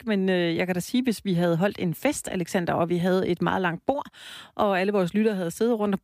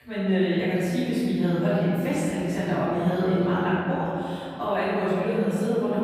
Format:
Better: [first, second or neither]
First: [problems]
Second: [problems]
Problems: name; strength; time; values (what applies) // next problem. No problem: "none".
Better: first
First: none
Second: off-mic speech; far // room echo; strong; dies away in 2.7 s